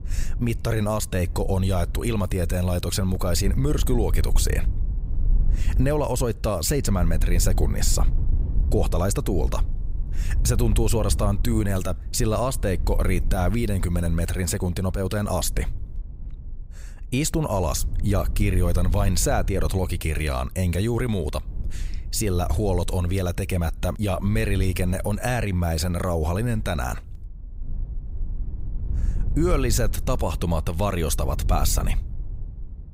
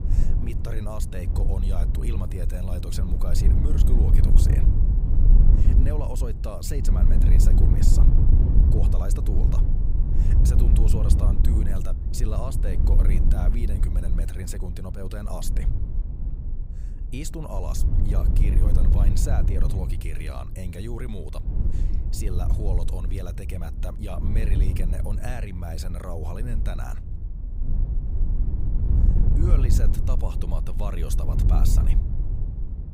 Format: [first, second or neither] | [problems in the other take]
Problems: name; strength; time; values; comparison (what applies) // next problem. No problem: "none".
first | wind noise on the microphone; heavy; 1 dB below the speech; occasional gusts in the first